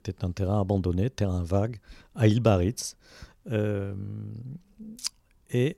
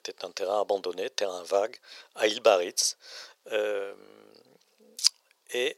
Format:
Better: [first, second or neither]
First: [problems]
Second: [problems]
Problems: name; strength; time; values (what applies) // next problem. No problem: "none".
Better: first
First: none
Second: thin; very; fading below 500 Hz